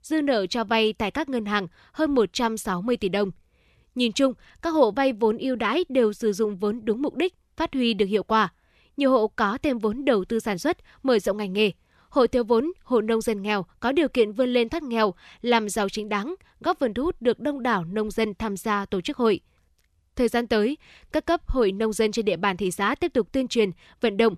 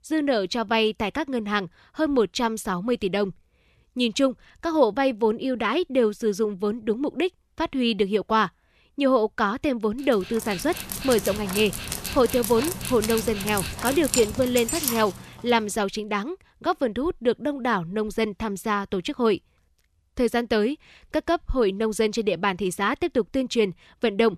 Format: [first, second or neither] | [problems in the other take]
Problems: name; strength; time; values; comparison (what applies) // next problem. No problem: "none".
first | dog barking; noticeable; from 10 to 15 s; peak 1 dB below the speech